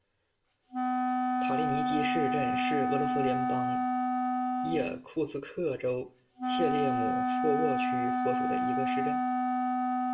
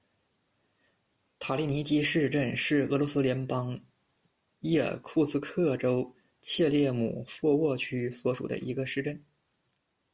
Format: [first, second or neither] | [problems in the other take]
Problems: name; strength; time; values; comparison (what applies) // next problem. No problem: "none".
second | background sound (Wind instrument, woodwind instrument); 5 dB above the speech // room echo; dies away in 0.3 s